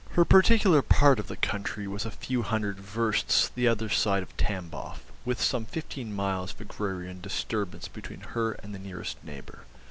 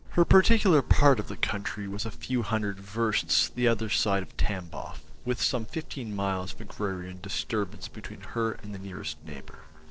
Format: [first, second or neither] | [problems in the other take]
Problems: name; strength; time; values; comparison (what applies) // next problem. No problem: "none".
first | noise reduction (neural separator model SepFormer DNS4)